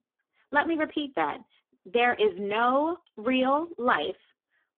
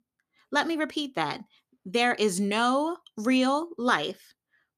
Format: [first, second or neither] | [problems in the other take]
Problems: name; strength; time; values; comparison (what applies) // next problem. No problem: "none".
second | phone-call audio; poor line; nothing above 3.5 kHz